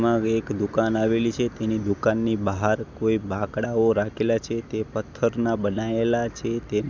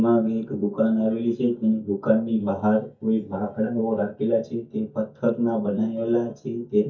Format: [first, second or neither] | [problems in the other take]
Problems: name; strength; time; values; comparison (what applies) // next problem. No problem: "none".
first | noise reduction (neural mask model DeepFilterNet 3)